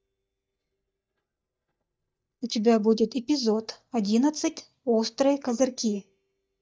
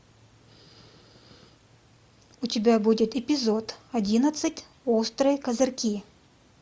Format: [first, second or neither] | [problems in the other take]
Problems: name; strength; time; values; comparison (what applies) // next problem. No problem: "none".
second | noise reduction (neural mask model DeepFilterNet 3)